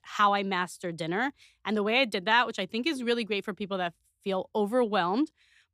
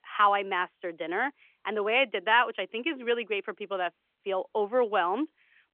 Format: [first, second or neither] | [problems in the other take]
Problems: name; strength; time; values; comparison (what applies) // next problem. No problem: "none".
first | phone-call audio; nothing above 3 kHz